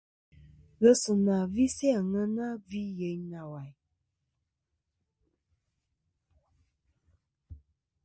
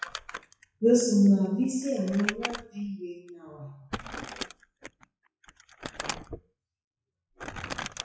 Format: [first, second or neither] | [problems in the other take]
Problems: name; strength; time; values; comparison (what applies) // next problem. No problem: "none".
first | noise reduction (classical method WPE with log-MMSE)